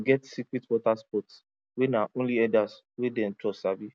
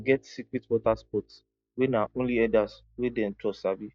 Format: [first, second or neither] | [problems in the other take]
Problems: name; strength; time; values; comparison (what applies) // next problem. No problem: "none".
first | noise reduction (neural mask model DeepFilterNet 3)